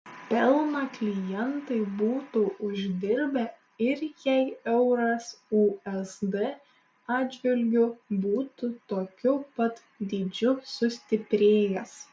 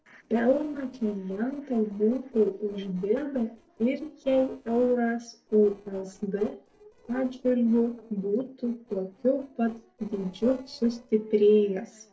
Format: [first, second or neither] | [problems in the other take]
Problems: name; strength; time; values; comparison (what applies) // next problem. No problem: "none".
first | noise reduction (neural separator model SepFormer DNS4)